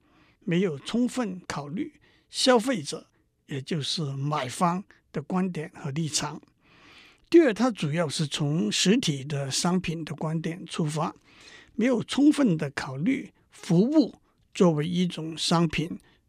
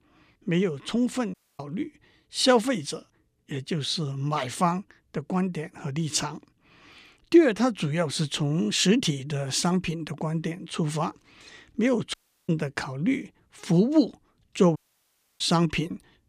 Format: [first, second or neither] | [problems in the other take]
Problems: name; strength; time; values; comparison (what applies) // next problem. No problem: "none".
first | audio cutting out; at 1.5 s, at 12 s and at 15 s for 0.5 s